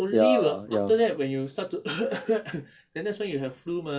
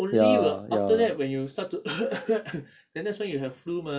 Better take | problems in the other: second | noise reduction (neural mask model Resemble Enhance denoiser)

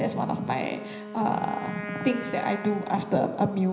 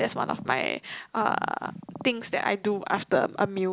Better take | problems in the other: second | background sound (Wind instrument, woodwind instrument); 11 dB below the speech // room echo; dies away in 0.9 s

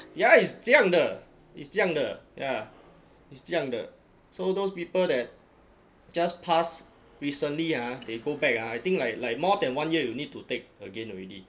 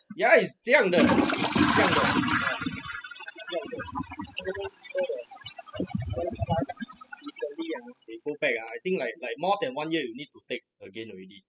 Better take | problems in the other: first | noise reduction (classical method spectral subtraction)

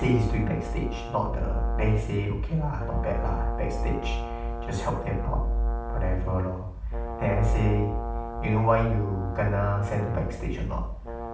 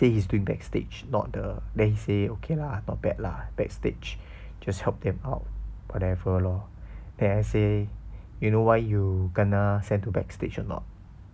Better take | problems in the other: second | background sound (Brass instrument); 12 dB below the speech // room echo; dies away in 0.5 s

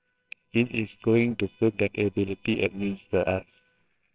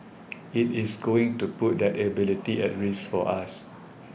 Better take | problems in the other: second | noise reduction (neural separator model SepFormer WHAMR!)

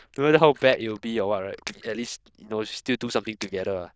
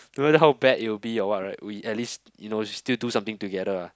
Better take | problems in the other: second | noise reduction (neural diffusion model UNIVERSE++)

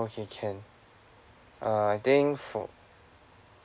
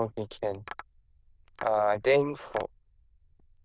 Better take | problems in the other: first | noise reduction (neural diffusion model UNIVERSE++)

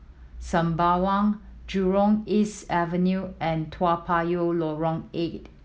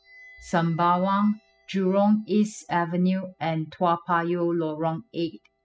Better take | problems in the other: first | noise reduction (classical method spectral subtraction)

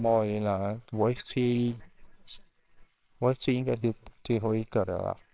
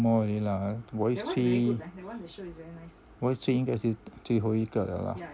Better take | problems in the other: second | noise reduction (neural separator model SepFormer WHAMR!)

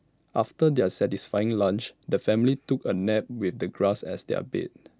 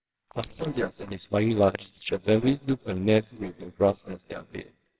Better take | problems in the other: first | noise reduction (neural separator model SepFormer WHAMR!)

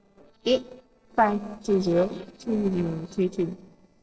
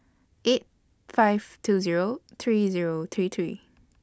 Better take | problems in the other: second | noise reduction (neural separator model SepFormer DNS4)

